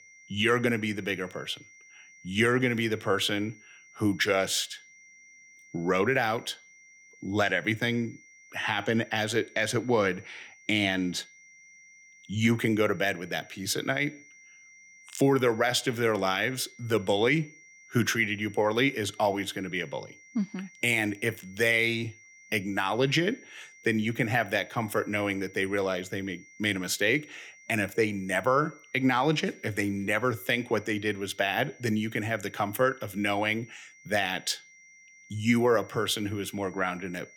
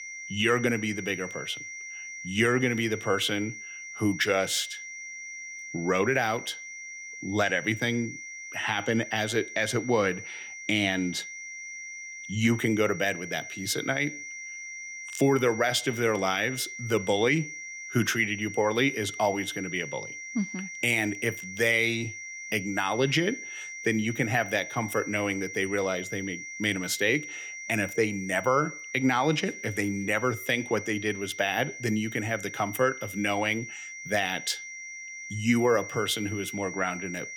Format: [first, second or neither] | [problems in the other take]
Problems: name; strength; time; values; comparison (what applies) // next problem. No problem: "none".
first | high-pitched whine; loud; throughout; 2 kHz, 10 dB below the speech; faint in the first